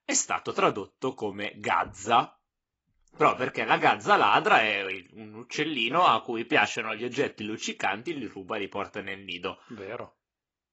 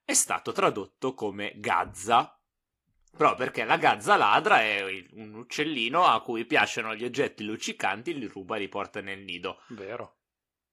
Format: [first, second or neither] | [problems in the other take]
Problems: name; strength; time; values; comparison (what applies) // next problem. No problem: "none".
second | garbled, watery; badly; nothing above 7.5 kHz; slightly in the second